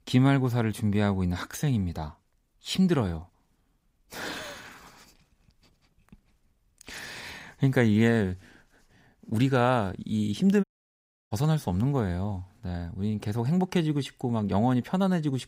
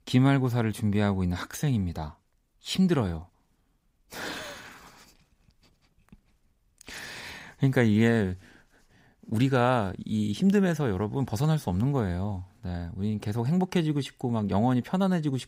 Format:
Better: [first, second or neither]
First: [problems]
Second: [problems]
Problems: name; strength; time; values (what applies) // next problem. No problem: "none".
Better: second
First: audio cutting out; at 11 s for 0.5 s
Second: none